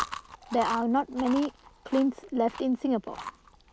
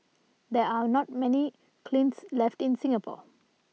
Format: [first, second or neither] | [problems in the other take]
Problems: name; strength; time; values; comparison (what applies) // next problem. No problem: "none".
second | background sound (Chewing, mastication); 12 dB below the speech